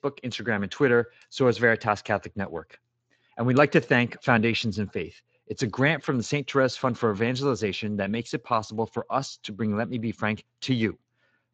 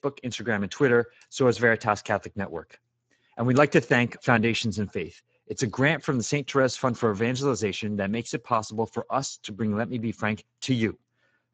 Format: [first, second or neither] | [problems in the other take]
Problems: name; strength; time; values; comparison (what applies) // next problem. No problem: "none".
first | garbled, watery; badly; nothing above 7.5 kHz; slightly in the first